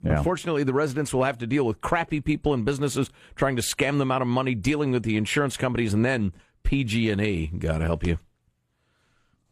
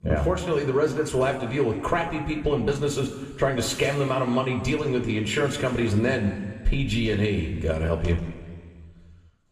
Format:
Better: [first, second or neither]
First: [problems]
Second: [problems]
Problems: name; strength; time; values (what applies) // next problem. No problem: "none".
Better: first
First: none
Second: room echo; slight; dies away in 1.7 s